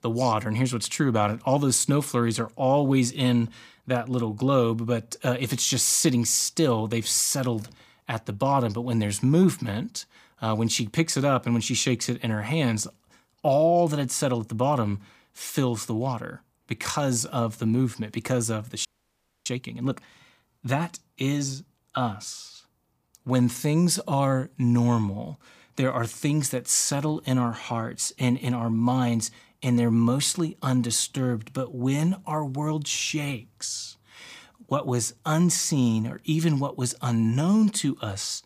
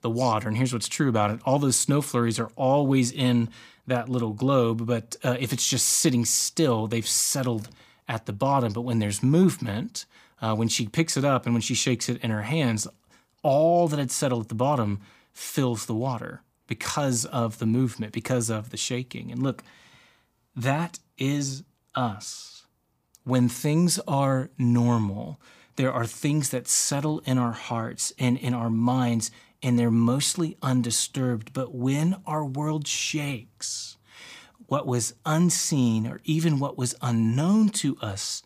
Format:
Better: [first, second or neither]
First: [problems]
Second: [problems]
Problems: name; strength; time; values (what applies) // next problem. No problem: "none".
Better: second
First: audio freezing; at 19 s for 0.5 s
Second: none